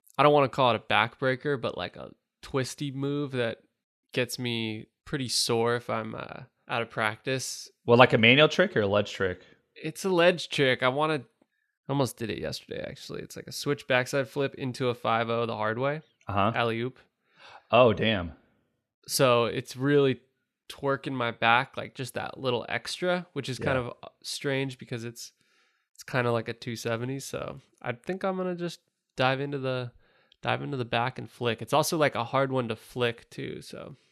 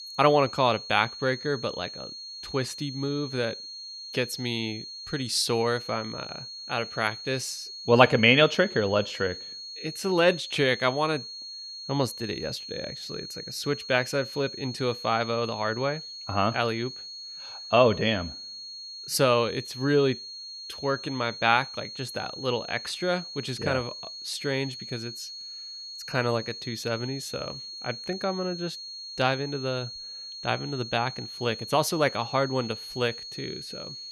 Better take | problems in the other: first | high-pitched whine; noticeable; throughout; 4.5 kHz, 10 dB below the speech

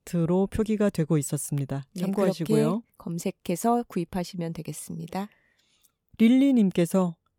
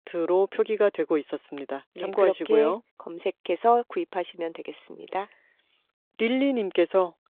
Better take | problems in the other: first | phone-call audio

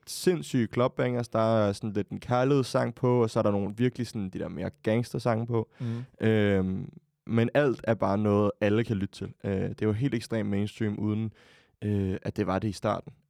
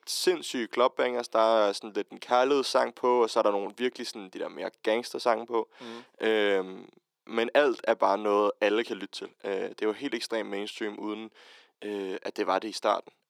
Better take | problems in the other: first | thin; somewhat; fading below 300 Hz

